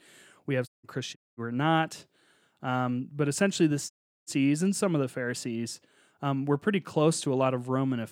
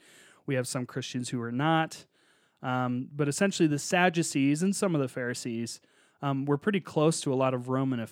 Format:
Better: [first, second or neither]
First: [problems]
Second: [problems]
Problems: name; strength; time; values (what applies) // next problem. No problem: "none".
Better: second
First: audio cutting out; at 0.5 s, at 1 s and at 4 s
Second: none